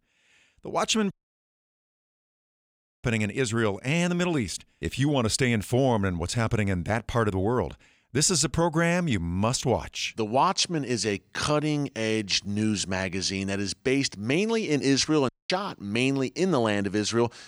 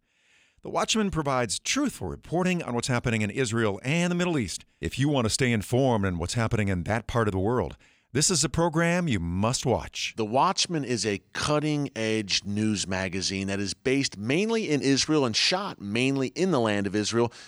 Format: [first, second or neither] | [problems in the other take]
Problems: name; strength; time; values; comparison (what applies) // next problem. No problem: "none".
second | audio cutting out; at 1 s for 2 s and at 15 s